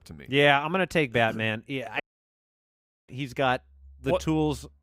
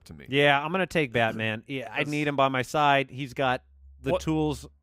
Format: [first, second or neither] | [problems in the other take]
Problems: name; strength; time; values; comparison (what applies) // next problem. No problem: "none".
second | audio cutting out; at 2 s for 1 s